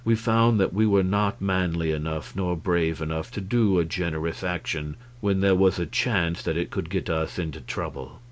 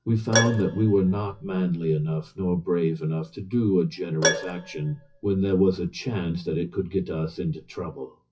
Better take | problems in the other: first | noise reduction (classical method WPE with log-MMSE)

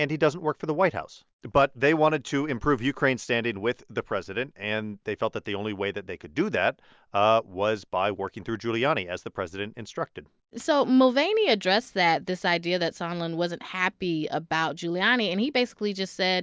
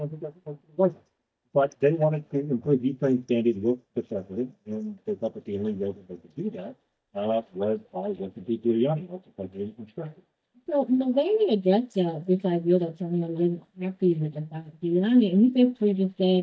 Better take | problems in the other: first | noise reduction (neural mask model DeepFilterNet 3)

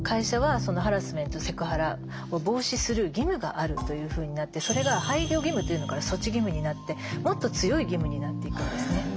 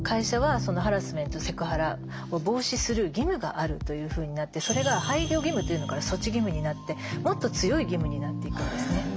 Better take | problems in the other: second | background sound (Percussion); 19 dB below the speech

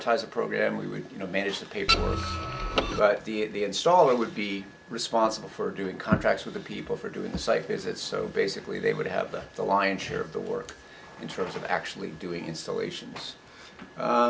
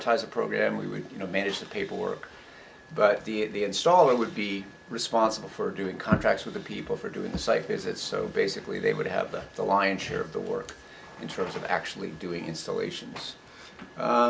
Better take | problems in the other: second | background sound (Printer); 1 dB above the speech

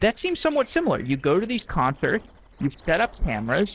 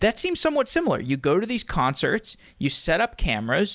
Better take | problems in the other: second | noise reduction (neural separator model SepFormer DNS4)

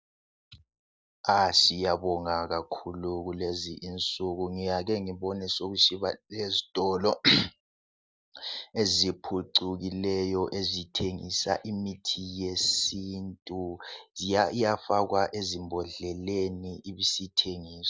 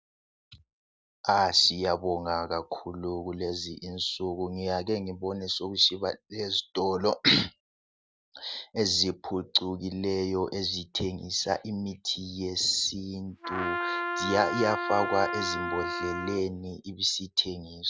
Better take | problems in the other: first | background sound (Trumpet); 3 dB below the speech

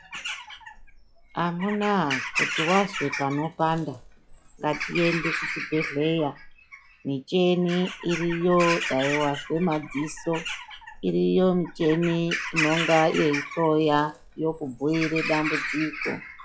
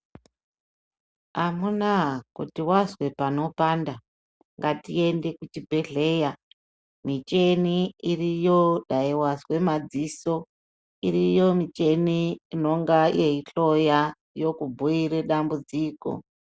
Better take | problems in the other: second | noise reduction (classical method log-MMSE)

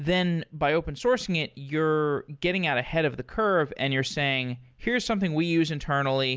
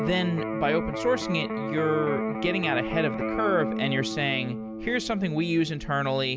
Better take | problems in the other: first | background sound (Electric guitar); 4 dB below the speech

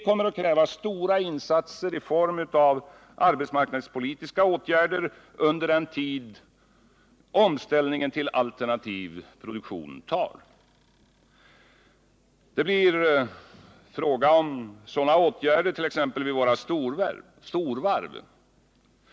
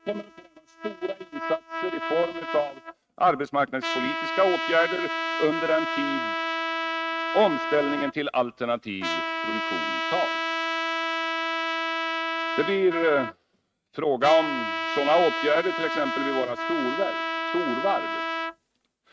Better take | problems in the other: first | noise reduction (neural mask model RNNoise)

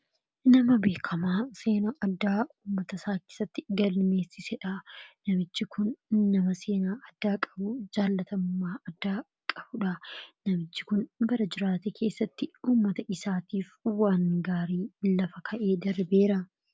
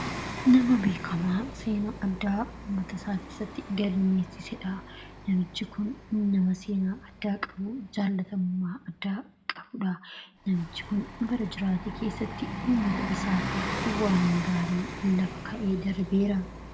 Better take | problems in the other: first | background sound (Bus); 9 dB below the speech // room echo; dies away in 0.6 s

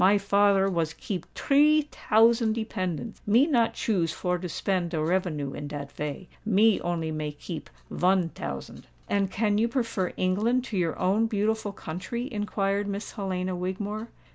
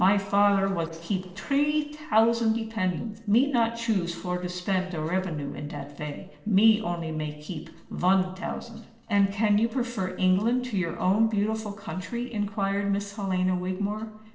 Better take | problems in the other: first | noise reduction (neural separator model SepFormer DNS4)

